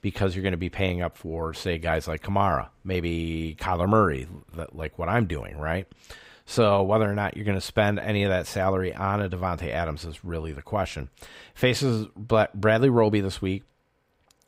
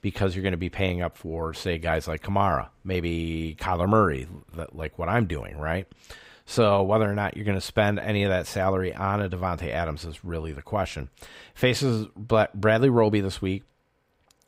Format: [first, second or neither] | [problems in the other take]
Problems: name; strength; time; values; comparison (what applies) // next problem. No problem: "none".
neither | none